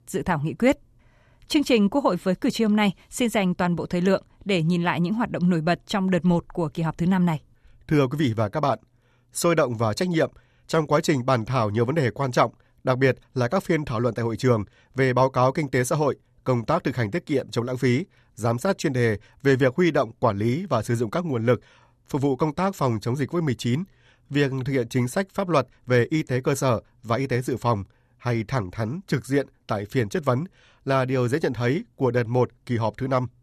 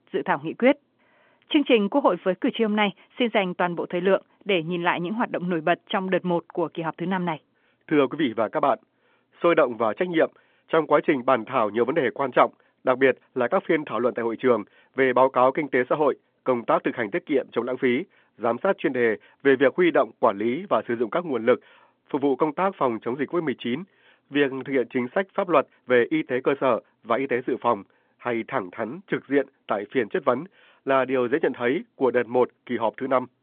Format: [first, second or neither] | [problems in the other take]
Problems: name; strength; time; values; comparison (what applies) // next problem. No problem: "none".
first | phone-call audio; nothing above 3.5 kHz